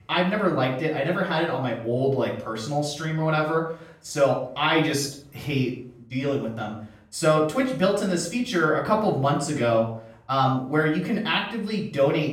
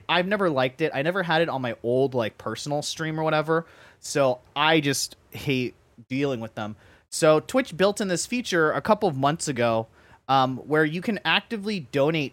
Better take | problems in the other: second | off-mic speech; far // room echo; noticeable; dies away in 0.5 s

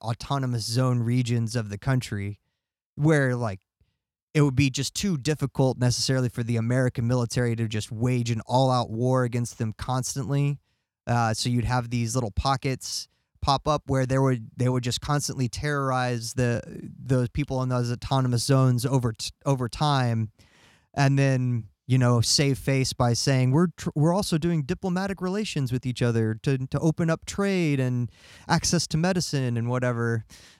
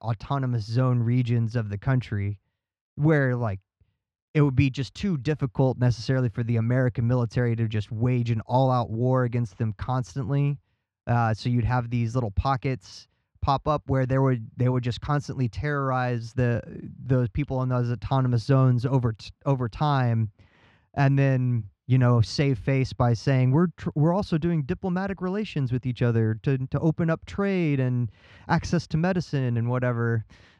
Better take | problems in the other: first | muffled; slightly; fading above 2.5 kHz

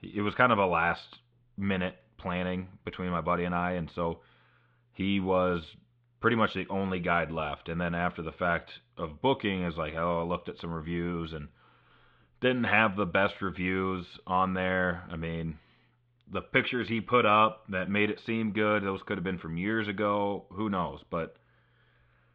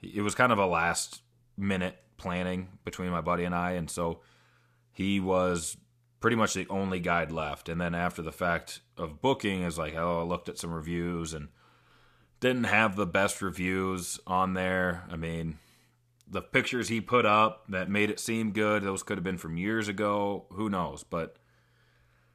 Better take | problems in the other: second | muffled; very; fading above 3.5 kHz

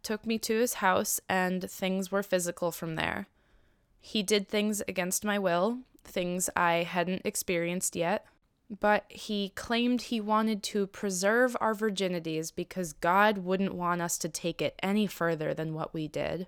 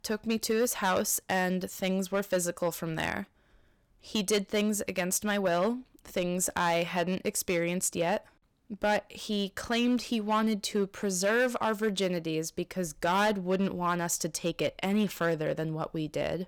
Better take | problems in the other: first | distortion; slight; 4% of the sound clipped

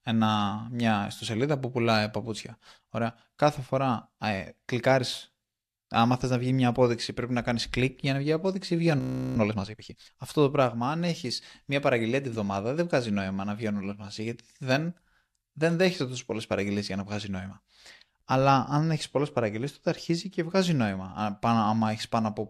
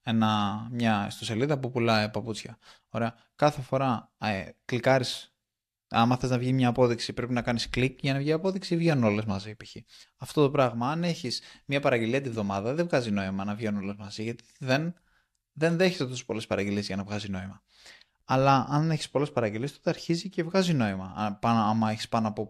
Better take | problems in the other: second | audio freezing; at 9 s

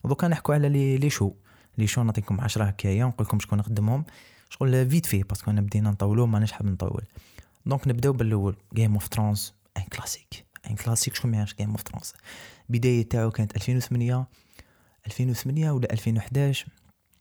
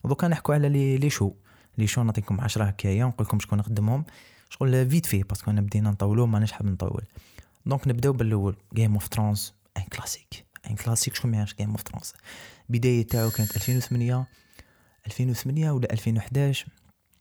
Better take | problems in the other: first | doorbell; noticeable; at 13 s; peak 5 dB below the speech

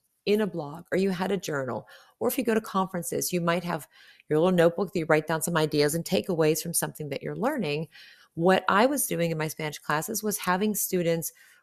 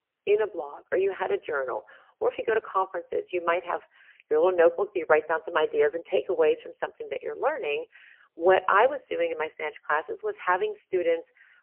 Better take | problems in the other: first | phone-call audio; poor line; nothing above 3 kHz

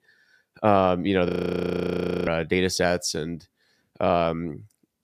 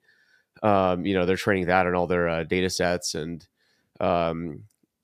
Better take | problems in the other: second | audio freezing; at 1.5 s for 1 s

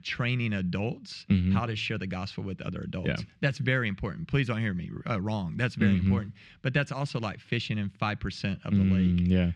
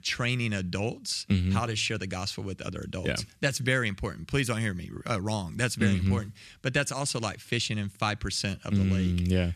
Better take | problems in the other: second | muffled; slightly; fading above 3 kHz

